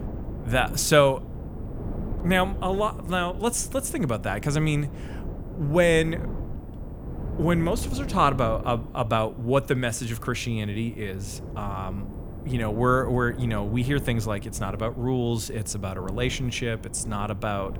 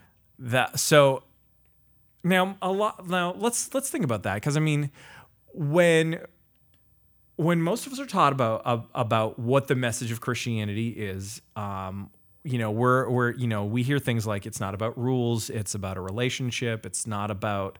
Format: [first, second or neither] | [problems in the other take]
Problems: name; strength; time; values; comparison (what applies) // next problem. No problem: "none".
second | wind noise on the microphone; occasional gusts; 15 dB below the speech